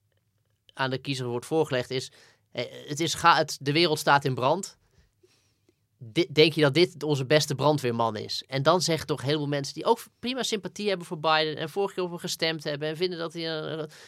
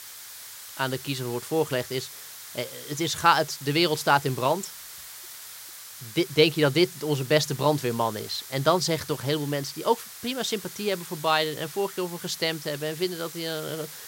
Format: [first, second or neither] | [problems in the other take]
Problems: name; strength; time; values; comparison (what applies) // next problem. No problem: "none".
first | hiss; noticeable; throughout; 15 dB below the speech